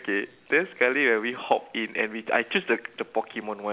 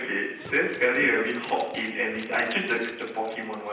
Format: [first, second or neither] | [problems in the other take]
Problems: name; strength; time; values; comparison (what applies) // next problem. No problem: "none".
first | background sound (Zipper (clothing)); 19 dB below the speech // room echo; dies away in 0.9 s